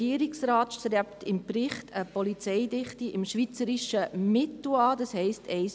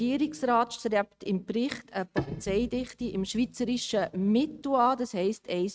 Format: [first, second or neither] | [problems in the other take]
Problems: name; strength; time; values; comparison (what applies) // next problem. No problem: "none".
first | noise reduction (neural mask model RNNoise)